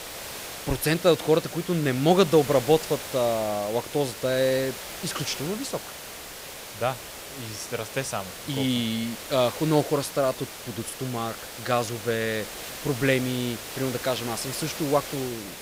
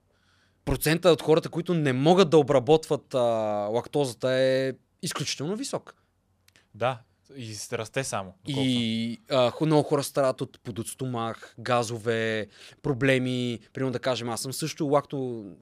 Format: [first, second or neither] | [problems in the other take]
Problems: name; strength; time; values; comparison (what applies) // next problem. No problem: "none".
second | hiss; loud; throughout; 10 dB below the speech